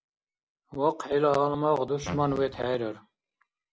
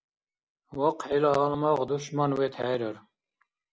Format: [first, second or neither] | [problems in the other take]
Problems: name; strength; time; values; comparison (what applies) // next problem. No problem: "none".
second | background sound (Fart); 11 dB below the speech